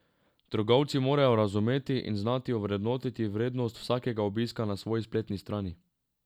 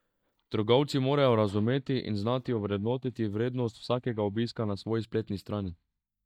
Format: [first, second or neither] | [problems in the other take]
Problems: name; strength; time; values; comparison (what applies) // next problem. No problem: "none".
first | noise reduction (neural mask model DeepFilterNet 3)